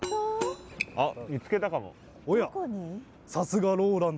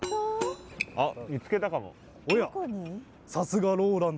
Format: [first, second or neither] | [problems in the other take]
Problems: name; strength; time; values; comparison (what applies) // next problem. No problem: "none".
first | background sound (Dishes, pots, and pans / Chink, clink); 13 dB below the speech